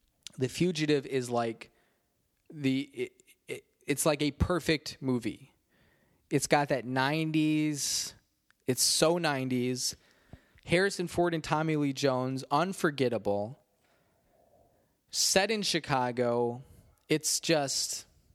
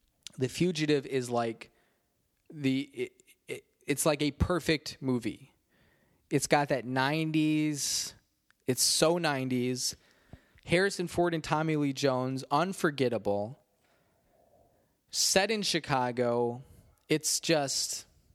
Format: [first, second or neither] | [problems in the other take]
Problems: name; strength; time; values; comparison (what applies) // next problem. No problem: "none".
neither | none